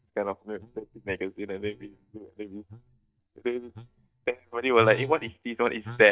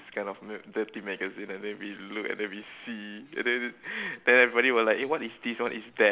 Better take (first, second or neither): second